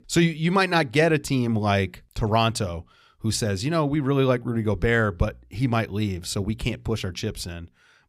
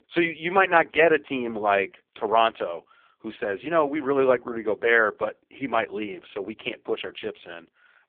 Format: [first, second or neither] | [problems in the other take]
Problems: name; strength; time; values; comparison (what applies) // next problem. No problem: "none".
first | phone-call audio; poor line